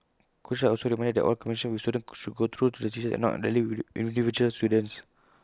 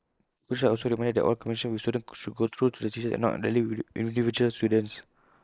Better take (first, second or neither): first